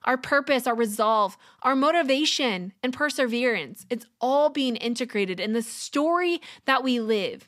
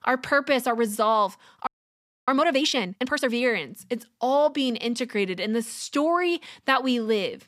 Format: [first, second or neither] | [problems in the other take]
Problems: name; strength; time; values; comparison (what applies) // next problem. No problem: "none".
first | audio freezing; at 1.5 s for 0.5 s